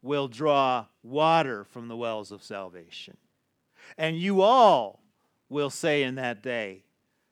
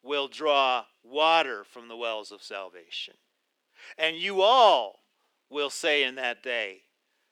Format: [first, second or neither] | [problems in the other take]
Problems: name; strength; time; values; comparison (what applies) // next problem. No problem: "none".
first | thin; somewhat; fading below 350 Hz